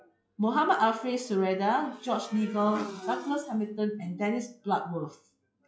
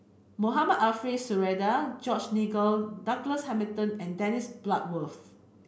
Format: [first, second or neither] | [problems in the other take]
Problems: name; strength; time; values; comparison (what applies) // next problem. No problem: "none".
second | noise reduction (classical method log-MMSE)